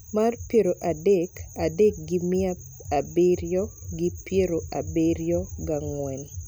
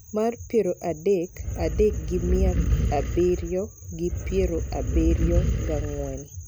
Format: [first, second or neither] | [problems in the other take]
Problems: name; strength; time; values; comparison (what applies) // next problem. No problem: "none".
first | background sound (Animal); 1 dB above the speech